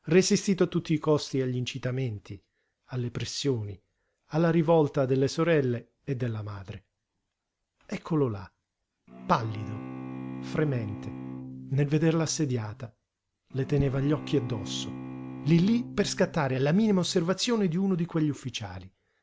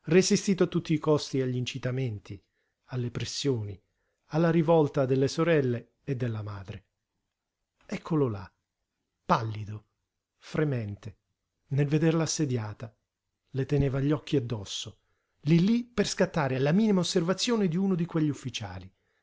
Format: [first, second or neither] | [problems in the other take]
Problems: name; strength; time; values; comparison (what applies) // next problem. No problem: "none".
second | background sound (Bowed string instrument); 12 dB below the speech